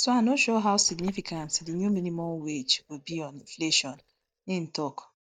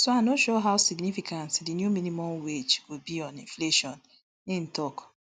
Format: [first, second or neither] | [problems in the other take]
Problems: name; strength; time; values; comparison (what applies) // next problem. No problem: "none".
second | noise reduction (neural mask model DeepFilterNet 3)